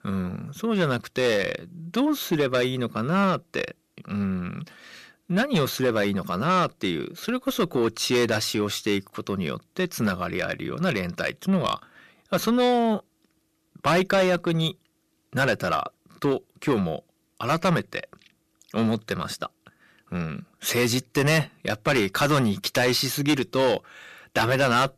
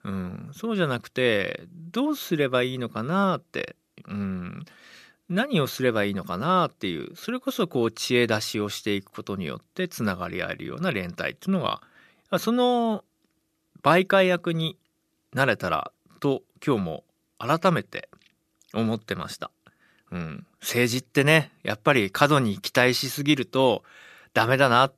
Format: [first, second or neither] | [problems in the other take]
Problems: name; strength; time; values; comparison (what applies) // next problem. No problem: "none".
second | distortion; heavy; 7 dB below the speech